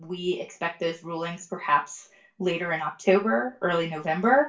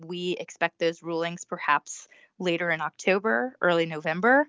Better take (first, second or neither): second